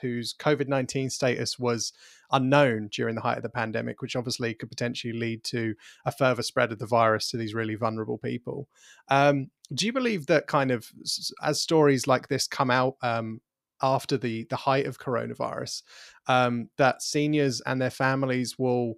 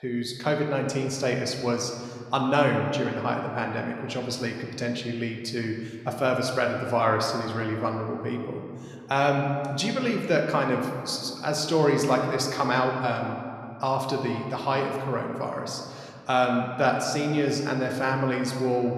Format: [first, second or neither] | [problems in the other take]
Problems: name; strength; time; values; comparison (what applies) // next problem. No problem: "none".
first | room echo; slight; dies away in 1.9 s